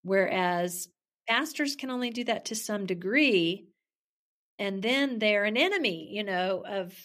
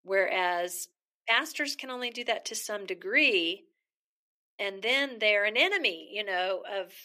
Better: first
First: none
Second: thin; somewhat; fading below 400 Hz

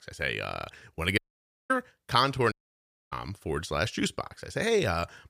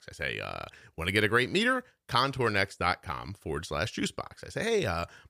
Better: second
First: audio cutting out; at 1 s for 0.5 s and at 2.5 s for 0.5 s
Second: none

